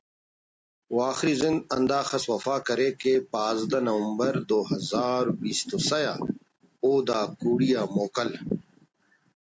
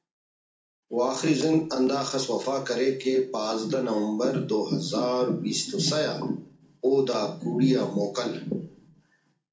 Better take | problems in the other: first | room echo; dies away in 0.4 s

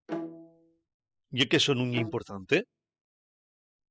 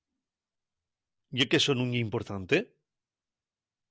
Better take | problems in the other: second | noise reduction (classical method spectral subtraction)

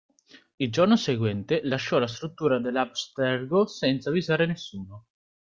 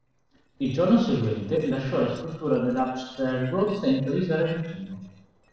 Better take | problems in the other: first | noise reduction (neural separator model SepFormer DNS4)

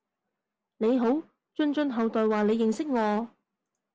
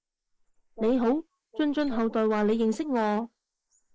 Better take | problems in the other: first | noise reduction (neural mask model Resemble Enhance denoiser)

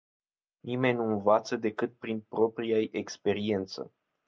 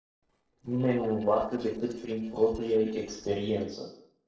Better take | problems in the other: first | noise reduction (neural separator model SepFormer DNS4)

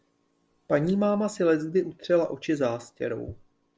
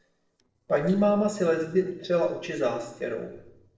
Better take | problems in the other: first | noise reduction (neural separator model SepFormer DNS4)

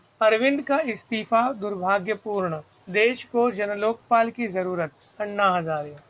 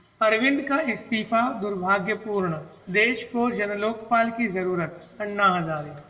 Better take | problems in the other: first | room echo; dies away in 1.1 s

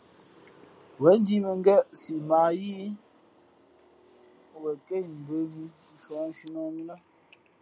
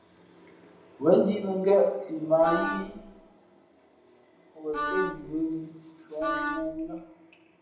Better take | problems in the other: first | background sound (Wind instrument, woodwind instrument); 5 dB below the speech // room echo; dies away in 0.9 s

